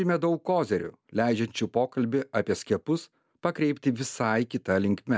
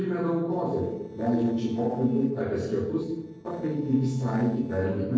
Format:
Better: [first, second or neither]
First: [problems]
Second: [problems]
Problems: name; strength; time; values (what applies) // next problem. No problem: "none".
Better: first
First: none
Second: noise reduction (neural separator model SepFormer DNS4)